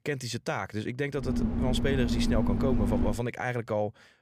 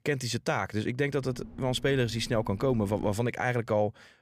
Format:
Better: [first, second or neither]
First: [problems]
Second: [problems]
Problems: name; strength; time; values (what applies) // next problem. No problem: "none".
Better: second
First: low rumble; loud; from 1 to 3 s; 3 dB below the speech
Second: low rumble; faint; from 1 to 3 s; 20 dB below the speech